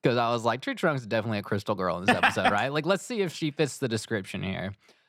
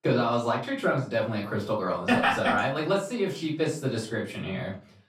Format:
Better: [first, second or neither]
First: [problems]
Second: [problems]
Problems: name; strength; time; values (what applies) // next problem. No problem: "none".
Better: first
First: none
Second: off-mic speech; far // room echo; slight; dies away in 0.3 s